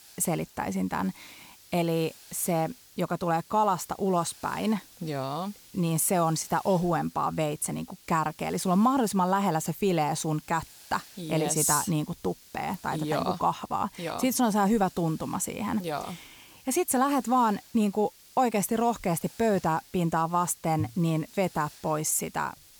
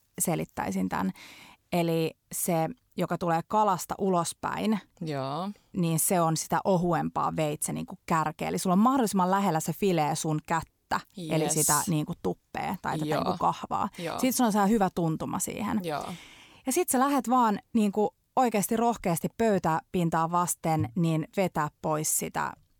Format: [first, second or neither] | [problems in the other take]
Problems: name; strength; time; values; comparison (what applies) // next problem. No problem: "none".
second | hiss; faint; throughout; 20 dB below the speech